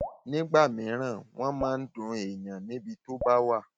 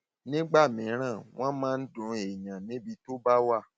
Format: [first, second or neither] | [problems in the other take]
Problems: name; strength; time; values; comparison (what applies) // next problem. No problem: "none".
second | noise reduction (neural mask model RNNoise)